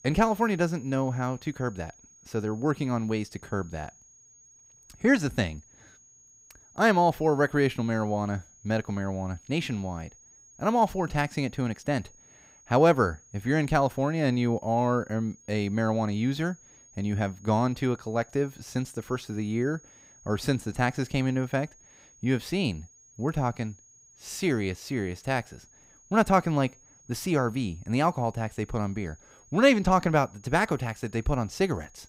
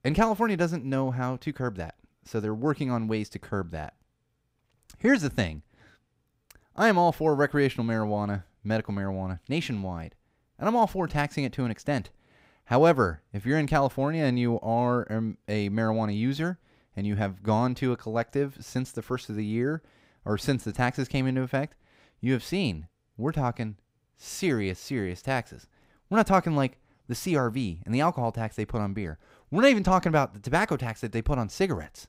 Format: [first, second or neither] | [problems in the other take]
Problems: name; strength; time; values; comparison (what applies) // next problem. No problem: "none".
second | high-pitched whine; faint; throughout; 6.5 kHz, 25 dB below the speech